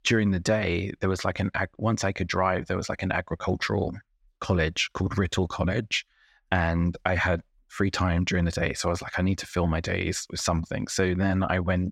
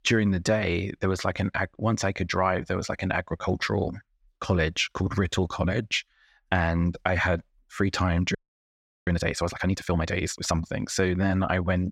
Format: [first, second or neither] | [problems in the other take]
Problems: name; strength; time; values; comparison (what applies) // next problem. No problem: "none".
first | audio freezing; at 8.5 s for 0.5 s